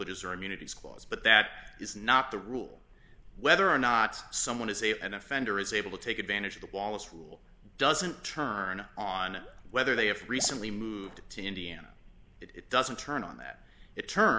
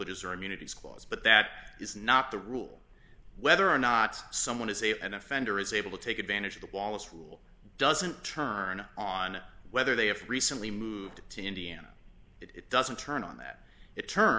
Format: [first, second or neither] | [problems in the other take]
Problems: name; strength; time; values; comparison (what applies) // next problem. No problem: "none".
second | background sound (Water / Liquid); 19 dB below the speech